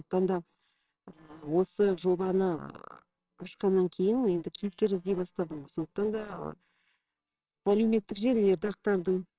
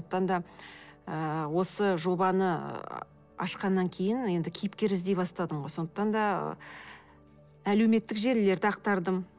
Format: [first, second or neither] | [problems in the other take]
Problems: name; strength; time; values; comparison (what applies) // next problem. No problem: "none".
second | noise reduction (neural separator model SepFormer WHAMR!)